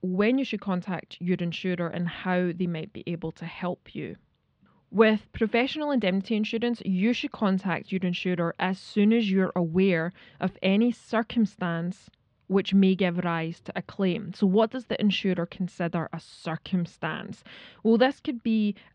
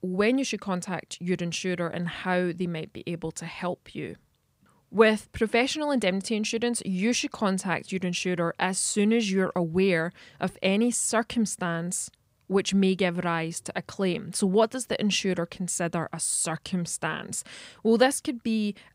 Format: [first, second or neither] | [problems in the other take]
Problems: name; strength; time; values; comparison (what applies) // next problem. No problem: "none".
second | muffled; slightly; fading above 3.5 kHz